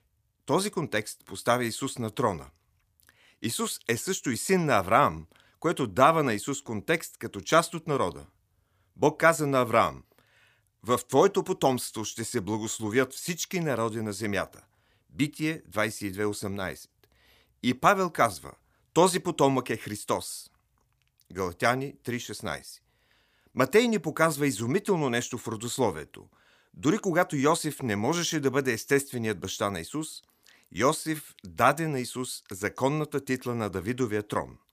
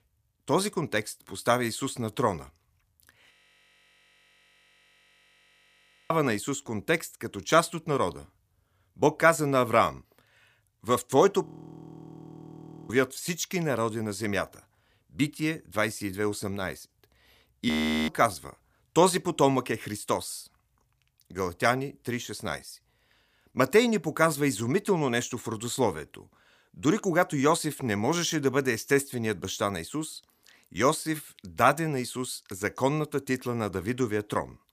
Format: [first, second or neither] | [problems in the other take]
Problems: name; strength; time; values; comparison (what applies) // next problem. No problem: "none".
first | audio freezing; at 3.5 s for 3 s, at 11 s for 1.5 s and at 18 s